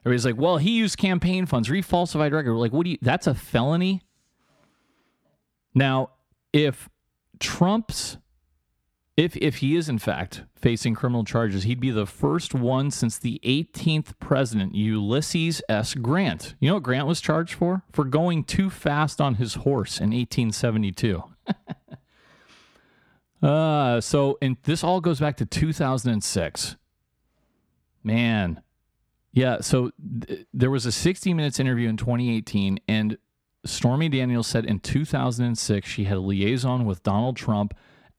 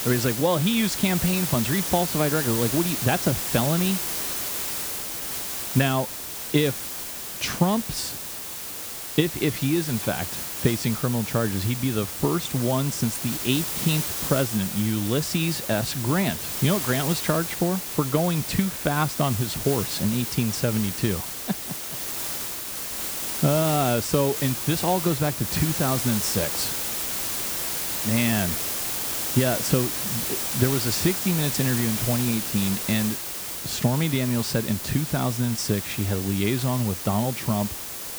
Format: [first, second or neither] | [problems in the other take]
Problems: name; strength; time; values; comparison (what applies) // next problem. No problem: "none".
first | hiss; loud; throughout; 3 dB below the speech